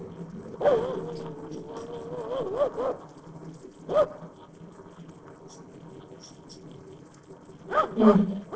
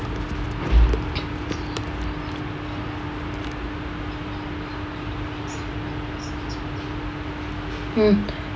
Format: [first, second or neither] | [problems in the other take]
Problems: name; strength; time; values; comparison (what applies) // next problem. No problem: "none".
second | noise reduction (neural separator model SepFormer DNS4)